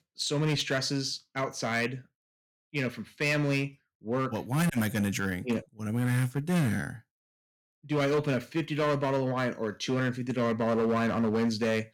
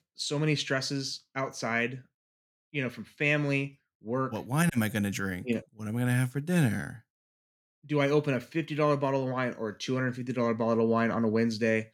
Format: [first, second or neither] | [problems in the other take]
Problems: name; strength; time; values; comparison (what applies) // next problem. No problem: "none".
second | distortion; slight; 8% of the sound clipped